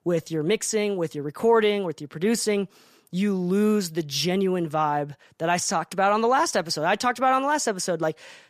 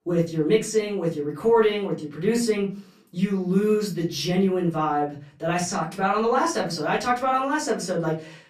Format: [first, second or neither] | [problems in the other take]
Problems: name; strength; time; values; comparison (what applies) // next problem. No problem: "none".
first | off-mic speech; far // room echo; slight; dies away in 0.3 s